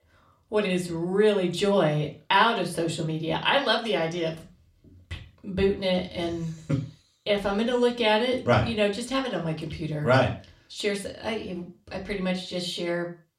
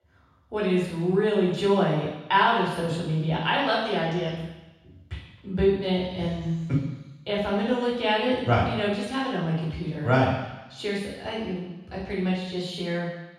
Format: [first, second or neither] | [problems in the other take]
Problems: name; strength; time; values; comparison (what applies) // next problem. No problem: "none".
first | room echo; strong; dies away in 1.1 s; slight in the first // off-mic speech; far; somewhat distant in the first